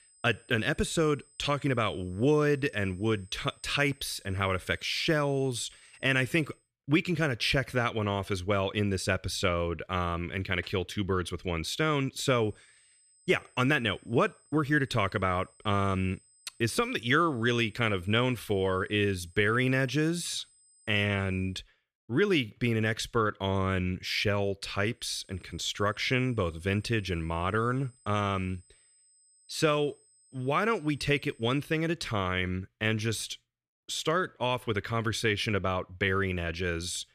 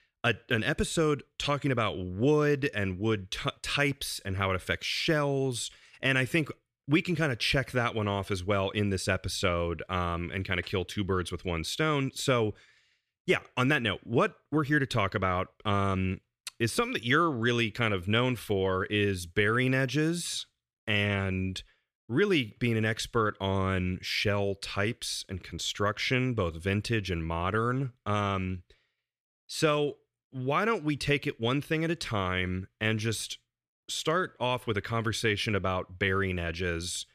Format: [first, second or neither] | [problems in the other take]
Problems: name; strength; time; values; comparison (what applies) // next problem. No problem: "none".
second | high-pitched whine; faint; until 6.5 s, from 12 to 22 s and from 25 to 32 s; 8 kHz, 30 dB below the speech